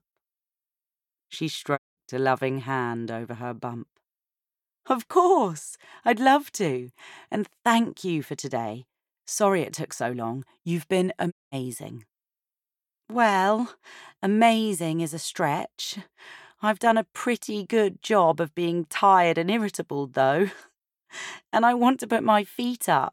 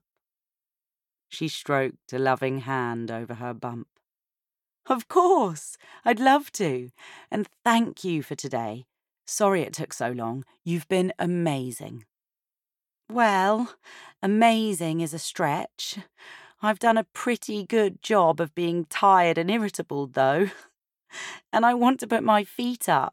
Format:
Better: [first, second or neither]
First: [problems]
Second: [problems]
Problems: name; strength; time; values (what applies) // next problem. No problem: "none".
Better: second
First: audio cutting out; at 2 s and at 11 s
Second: none